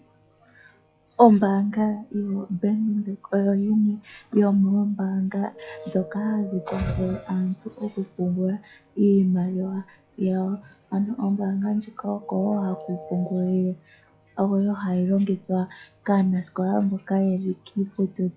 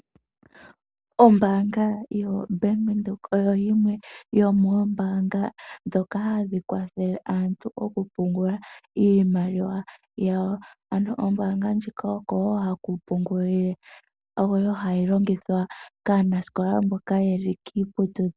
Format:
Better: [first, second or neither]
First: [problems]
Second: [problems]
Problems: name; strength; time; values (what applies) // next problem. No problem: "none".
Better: second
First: noise reduction (classical method log-MMSE)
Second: none